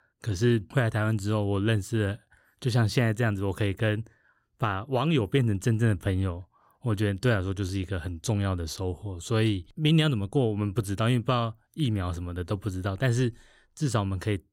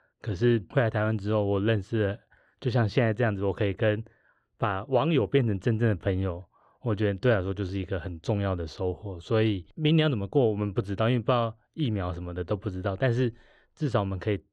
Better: first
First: none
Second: muffled; slightly; fading above 3 kHz

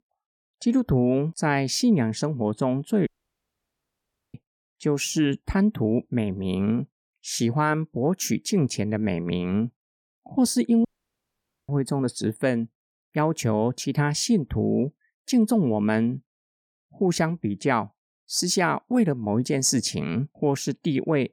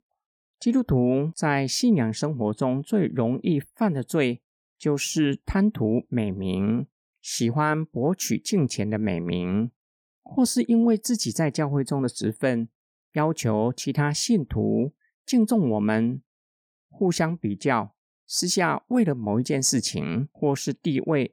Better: second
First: audio cutting out; at 3 s for 1.5 s and at 11 s for 1 s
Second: none

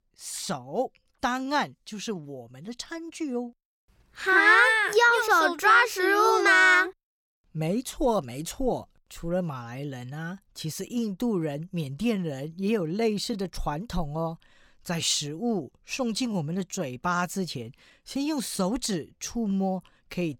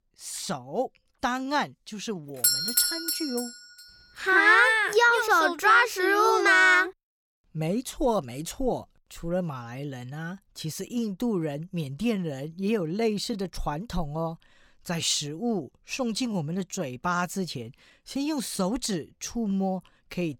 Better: first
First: none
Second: doorbell; loud; at 2.5 s; peak 5 dB above the speech

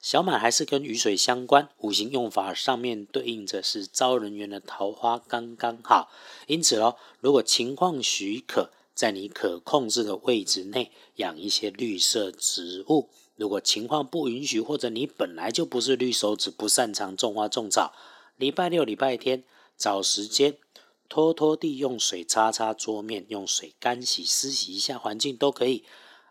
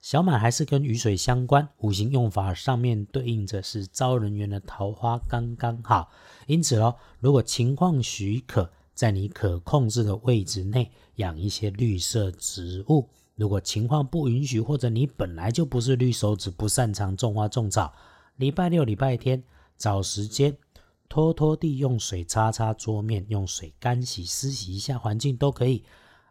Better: second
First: thin; somewhat; fading below 250 Hz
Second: none

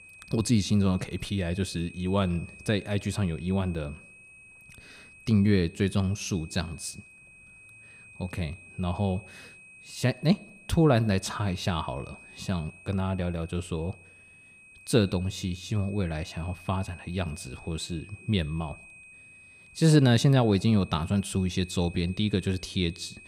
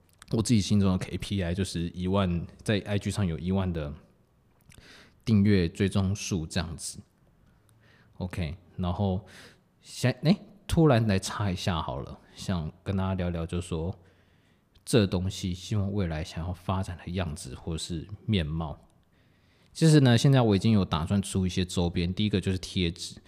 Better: second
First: high-pitched whine; faint; throughout; 2.5 kHz, 20 dB below the speech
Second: none

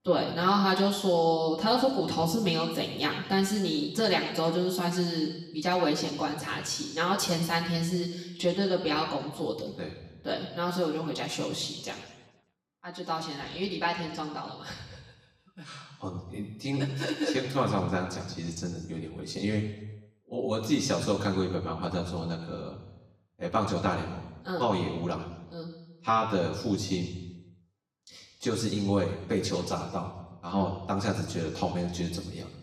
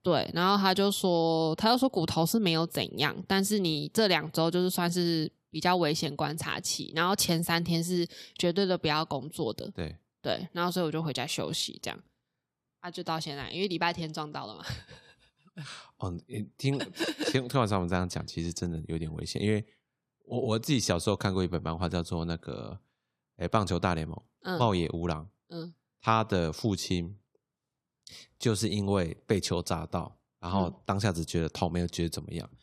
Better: second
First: room echo; noticeable; dies away in 1 s // off-mic speech; far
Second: none

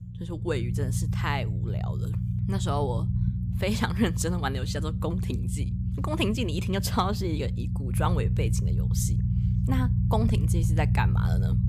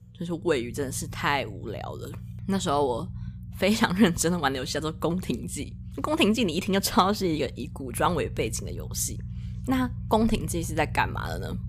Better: second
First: low rumble; loud; throughout; 8 dB below the speech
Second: low rumble; faint; throughout; 25 dB below the speech

